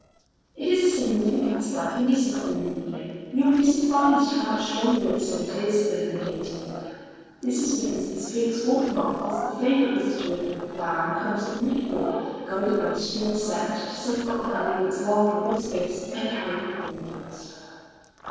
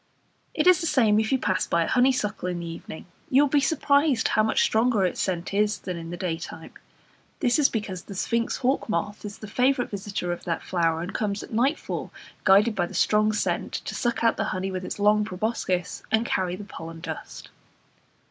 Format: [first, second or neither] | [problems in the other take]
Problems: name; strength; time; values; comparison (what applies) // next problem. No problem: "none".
second | noise reduction (neural separator model SepFormer DNS4)